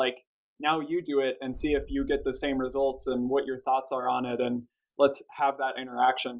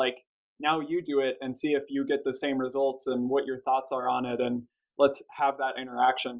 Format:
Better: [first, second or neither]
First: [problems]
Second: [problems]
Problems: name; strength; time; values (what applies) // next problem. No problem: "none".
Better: second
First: background sound (Boom); 15 dB below the speech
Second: none